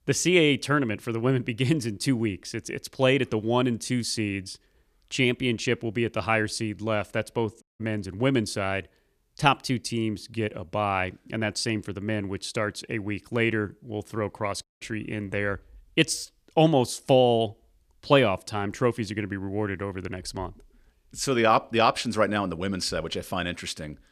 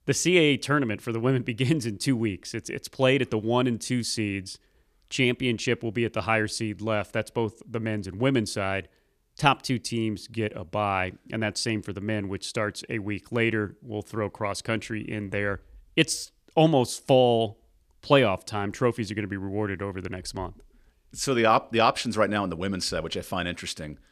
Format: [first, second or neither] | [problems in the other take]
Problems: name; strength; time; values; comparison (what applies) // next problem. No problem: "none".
second | audio cutting out; at 7.5 s and at 15 s